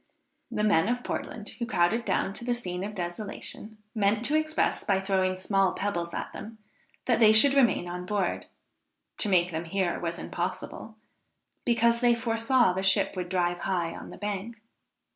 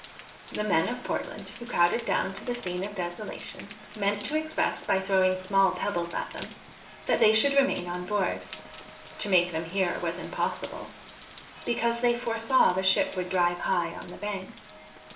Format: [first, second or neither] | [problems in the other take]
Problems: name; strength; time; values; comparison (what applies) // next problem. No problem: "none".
first | background sound (Rain); 17 dB below the speech // room echo; dies away in 1.4 s